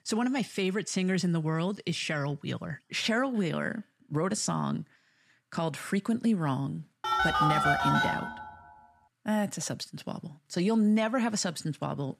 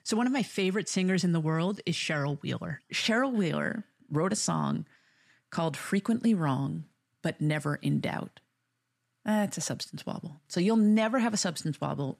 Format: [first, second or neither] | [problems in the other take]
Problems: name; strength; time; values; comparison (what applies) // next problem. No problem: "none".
second | phone ringing; loud; from 7 to 8.5 s; peak 5 dB above the speech